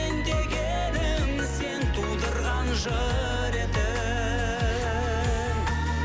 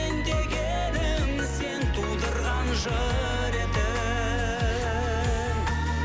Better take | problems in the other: first | background sound (Bowed string instrument); 16 dB below the speech

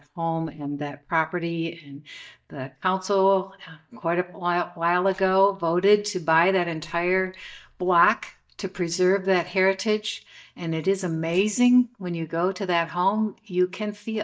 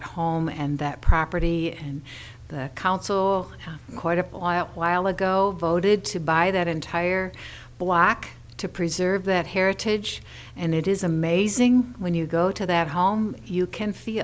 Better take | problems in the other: second | noise reduction (neural mask model DeepFilterNet 3)

